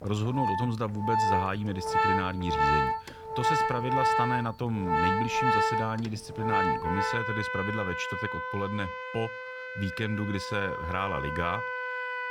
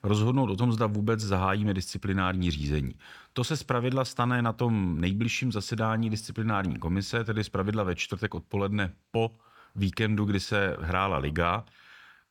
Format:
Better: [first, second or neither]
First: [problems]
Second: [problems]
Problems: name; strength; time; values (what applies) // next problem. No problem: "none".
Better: second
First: background music; very loud; throughout; 3 dB above the speech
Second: none